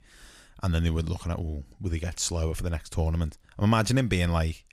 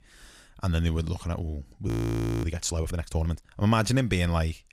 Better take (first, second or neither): first